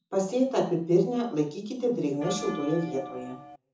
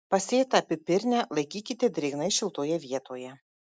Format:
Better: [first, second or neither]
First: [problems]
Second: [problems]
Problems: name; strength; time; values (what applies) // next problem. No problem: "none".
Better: second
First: background sound (Bell); 10 dB below the speech // room echo; dies away in 0.5 s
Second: none